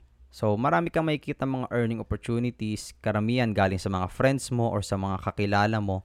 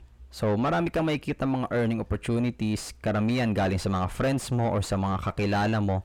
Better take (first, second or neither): first